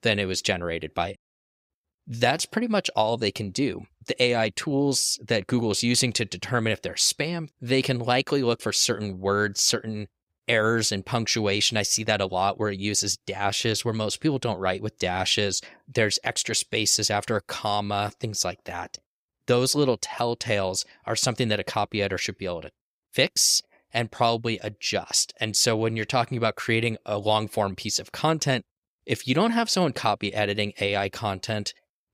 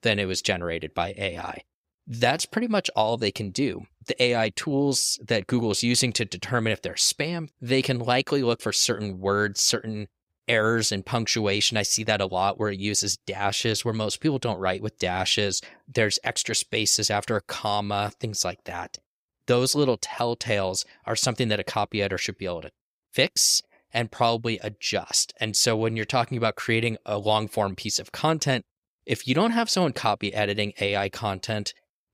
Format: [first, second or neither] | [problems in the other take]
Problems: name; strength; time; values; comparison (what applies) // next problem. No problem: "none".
second | audio cutting out; at 1 s for 0.5 s